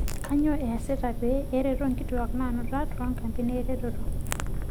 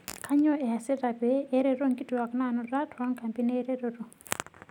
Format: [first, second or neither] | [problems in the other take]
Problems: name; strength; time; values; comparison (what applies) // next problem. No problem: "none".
second | background sound (Fire); as loud as the speech